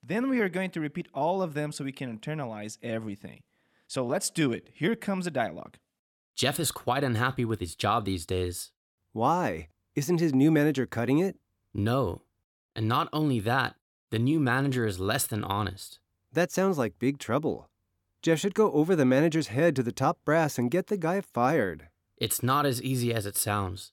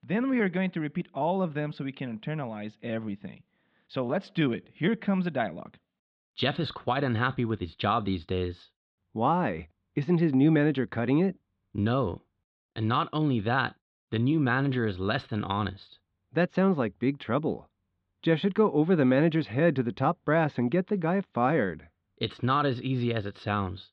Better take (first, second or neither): first